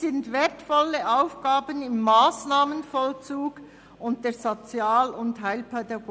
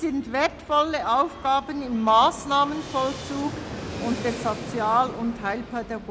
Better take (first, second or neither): first